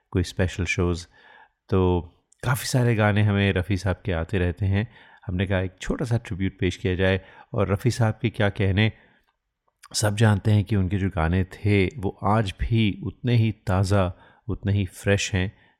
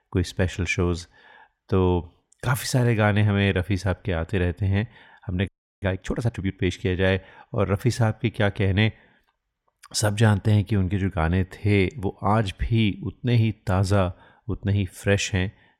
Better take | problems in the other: first | audio freezing; at 5.5 s

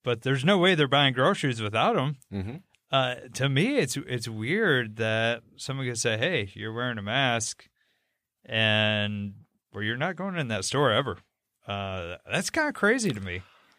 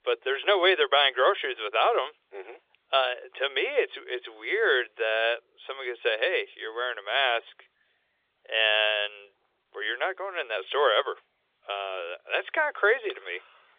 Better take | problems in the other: first | phone-call audio; nothing above 3.5 kHz

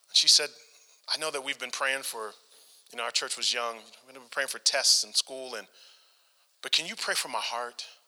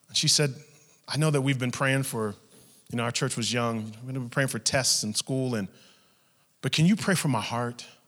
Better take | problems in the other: second | thin; very; fading below 550 Hz

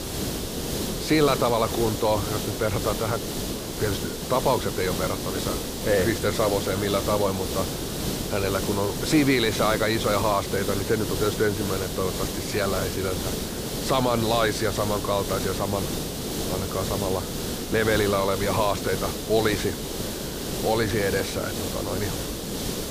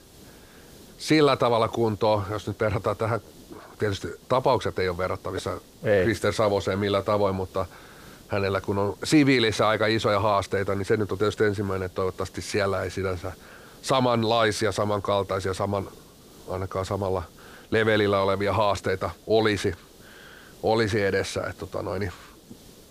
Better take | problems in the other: second | hiss; loud; throughout; 4 dB below the speech; faint in the second

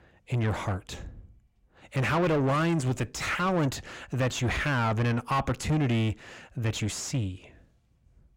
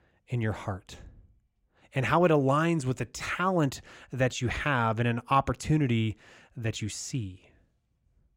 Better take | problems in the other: second | distortion; heavy; 7 dB below the speech

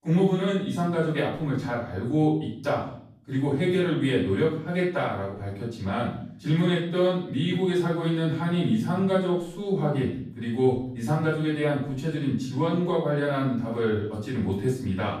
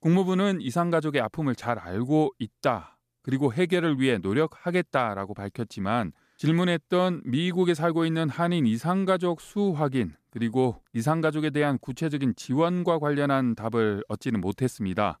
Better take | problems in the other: second | off-mic speech; far // room echo; noticeable; dies away in 0.6 s

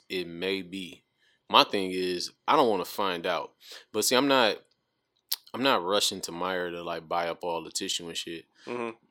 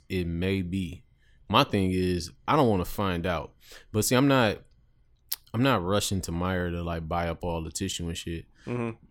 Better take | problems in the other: second | thin; somewhat; fading below 400 Hz

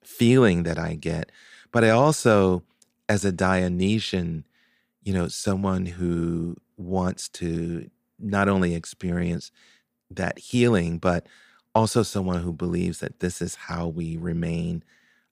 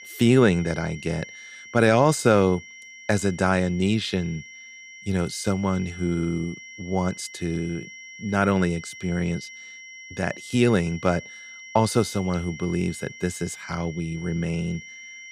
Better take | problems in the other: first | high-pitched whine; noticeable; throughout; 2 kHz, 15 dB below the speech

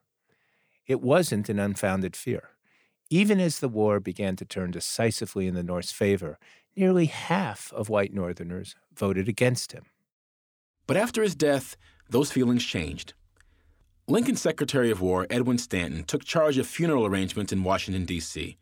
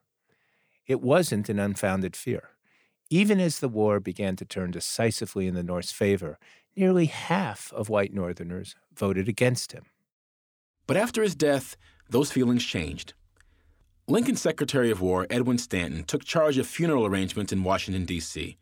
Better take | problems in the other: neither | none

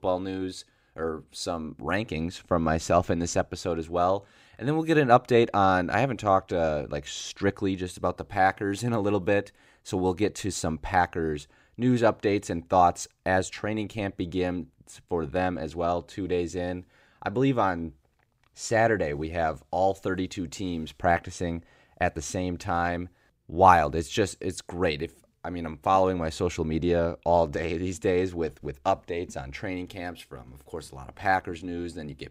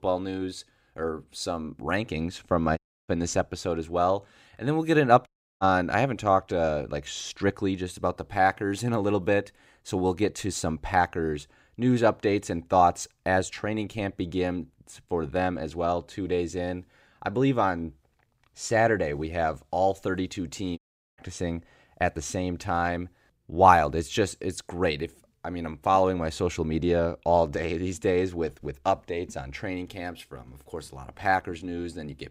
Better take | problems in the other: first | audio cutting out; at 3 s, at 5.5 s and at 21 s

